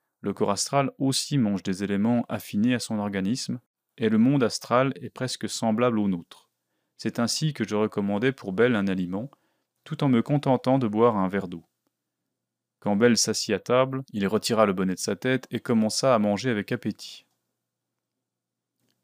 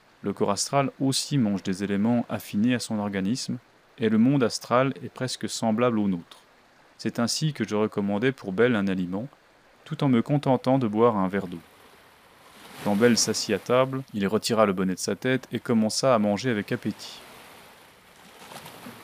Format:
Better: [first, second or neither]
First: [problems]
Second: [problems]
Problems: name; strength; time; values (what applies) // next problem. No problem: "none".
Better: first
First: none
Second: rain or running water; faint; throughout; 25 dB below the speech